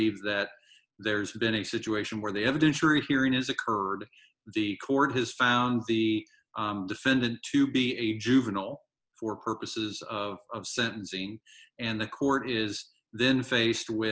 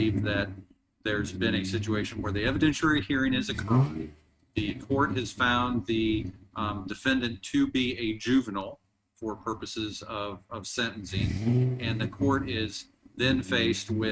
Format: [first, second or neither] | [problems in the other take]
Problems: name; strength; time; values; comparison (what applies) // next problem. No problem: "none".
first | noise reduction (neural mask model RNNoise)